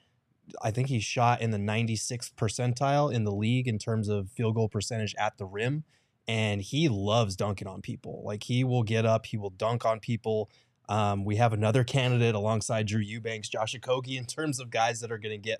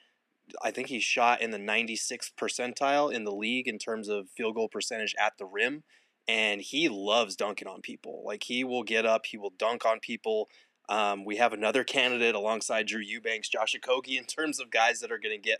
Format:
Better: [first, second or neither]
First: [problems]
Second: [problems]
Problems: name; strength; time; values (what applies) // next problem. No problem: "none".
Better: first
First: none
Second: thin; somewhat; fading below 250 Hz